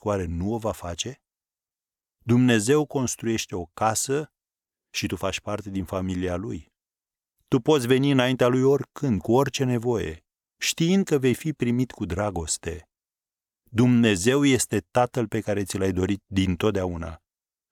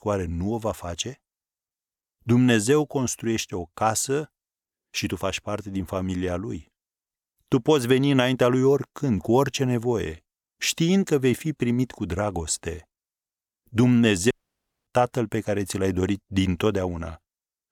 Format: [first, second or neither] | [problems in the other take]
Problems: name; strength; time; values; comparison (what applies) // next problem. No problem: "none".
first | audio cutting out; at 14 s for 0.5 s